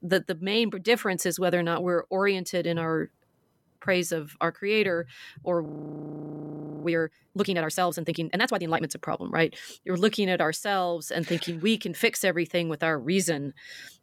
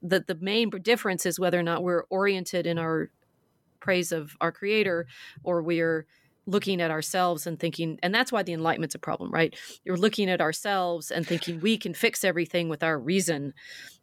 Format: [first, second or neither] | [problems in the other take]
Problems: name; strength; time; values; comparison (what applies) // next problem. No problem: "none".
second | audio freezing; at 5.5 s for 1 s